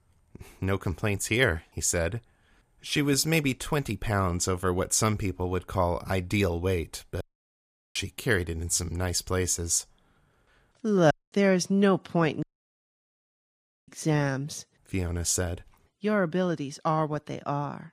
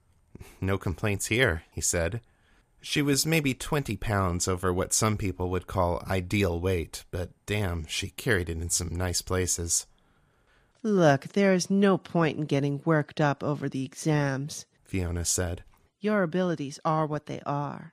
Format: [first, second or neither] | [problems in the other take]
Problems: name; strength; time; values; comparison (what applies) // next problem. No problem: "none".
second | audio cutting out; at 7 s for 0.5 s, at 11 s and at 12 s for 1.5 s